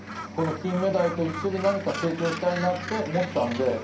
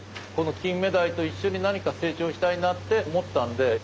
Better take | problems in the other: second | background sound (Gull, seagull); 11 dB below the speech // room echo; dies away in 0.5 s

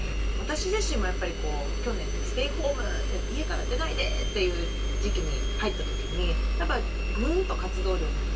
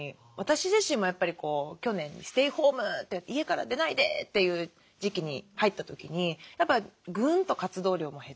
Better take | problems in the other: second | background sound (Engine); 5 dB above the speech // room echo; dies away in 0.2 s

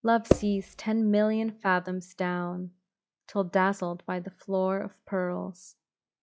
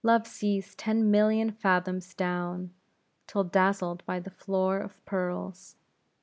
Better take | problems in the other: second | noise reduction (classical method log-MMSE)

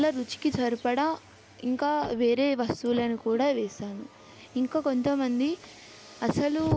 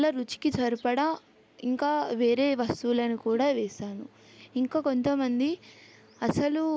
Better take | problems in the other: second | background sound (Car); 15 dB below the speech

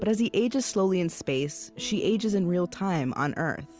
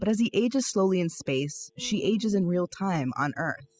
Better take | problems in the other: first | noise reduction (classical method spectral subtraction)

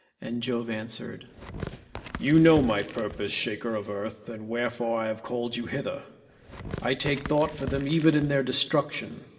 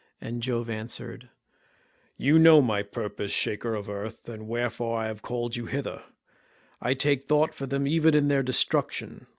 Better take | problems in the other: second | background sound (Tearing); 12 dB below the speech // room echo; dies away in 2.9 s

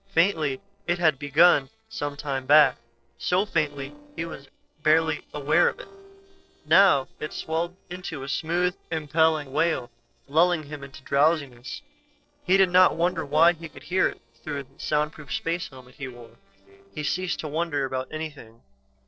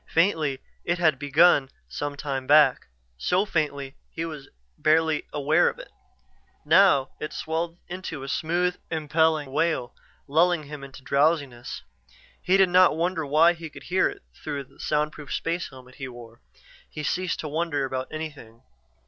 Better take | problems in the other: second | noise reduction (neural separator model SepFormer DNS4)

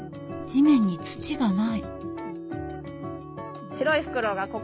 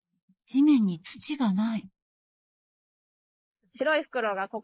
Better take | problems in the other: first | noise reduction (neural mask model Resemble Enhance denoiser)

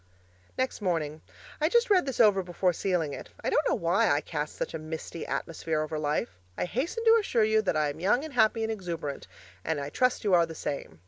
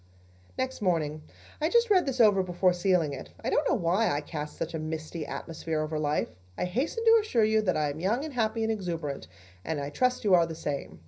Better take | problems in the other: first | room echo; dies away in 0.4 s

